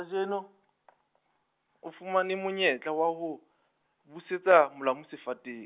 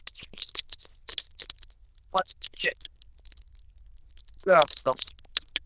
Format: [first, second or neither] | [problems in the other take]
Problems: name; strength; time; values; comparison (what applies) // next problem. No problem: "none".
first | noise reduction (neural diffusion model UNIVERSE++)